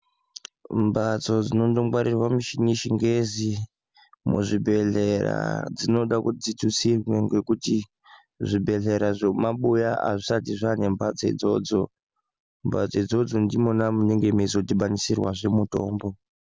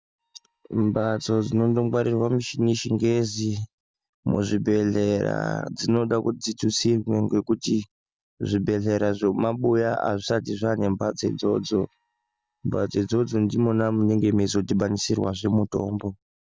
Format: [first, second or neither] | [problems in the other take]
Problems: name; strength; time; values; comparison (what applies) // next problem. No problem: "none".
first | noise reduction (neural mask model DeepFilterNet 3)